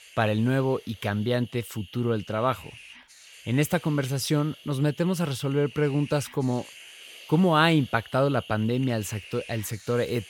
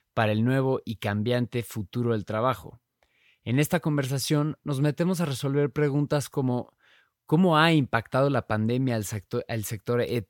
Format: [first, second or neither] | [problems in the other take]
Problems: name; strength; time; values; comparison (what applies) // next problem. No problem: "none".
second | hiss; noticeable; throughout; 20 dB below the speech